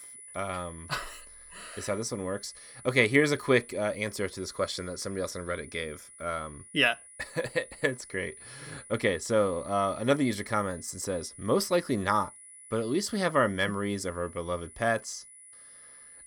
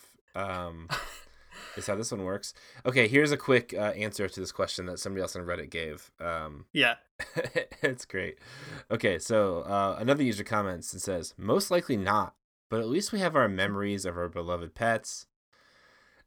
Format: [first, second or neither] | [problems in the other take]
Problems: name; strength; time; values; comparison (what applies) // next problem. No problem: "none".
second | high-pitched whine; noticeable; throughout; 10 kHz, 20 dB below the speech